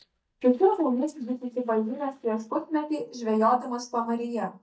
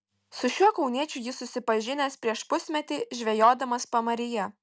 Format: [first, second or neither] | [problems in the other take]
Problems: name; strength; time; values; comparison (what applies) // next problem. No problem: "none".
second | noise reduction (neural mask model DeepFilterNet 3)